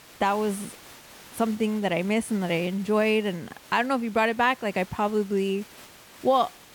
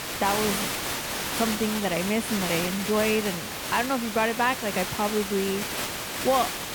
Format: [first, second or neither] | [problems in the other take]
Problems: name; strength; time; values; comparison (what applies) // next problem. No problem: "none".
first | hiss; loud; throughout; 2 dB below the speech; faint in the first